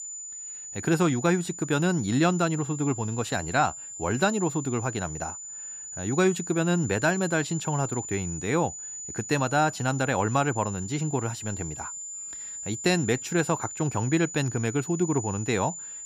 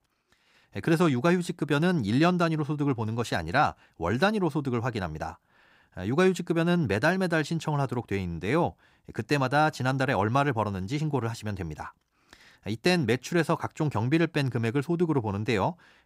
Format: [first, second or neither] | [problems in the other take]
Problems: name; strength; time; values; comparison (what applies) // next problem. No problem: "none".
second | high-pitched whine; loud; throughout; 7 kHz, 9 dB below the speech